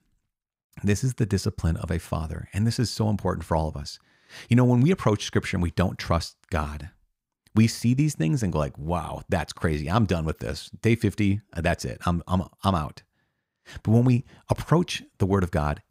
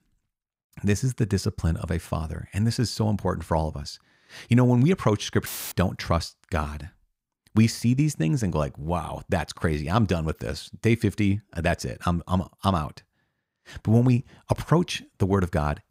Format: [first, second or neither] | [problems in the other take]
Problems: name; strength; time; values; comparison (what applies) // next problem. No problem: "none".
first | audio cutting out; filled with static; at 5.5 s